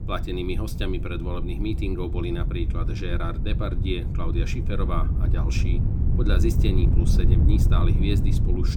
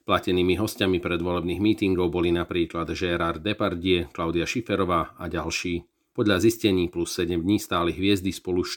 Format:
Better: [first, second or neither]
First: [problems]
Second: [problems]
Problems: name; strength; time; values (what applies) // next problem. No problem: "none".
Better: second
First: wind noise on the microphone; heavy; 5 dB below the speech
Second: none